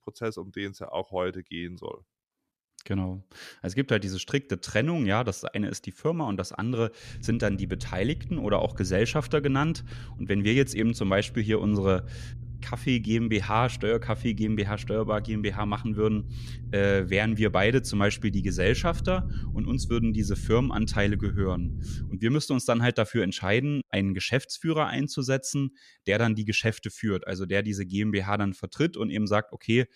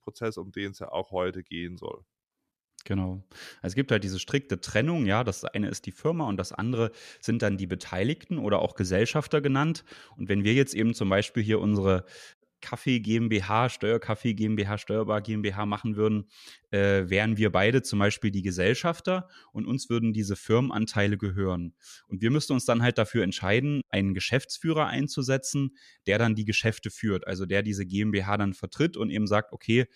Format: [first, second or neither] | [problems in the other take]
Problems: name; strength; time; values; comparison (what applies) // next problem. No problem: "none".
second | low rumble; faint; from 7 to 22 s; 20 dB below the speech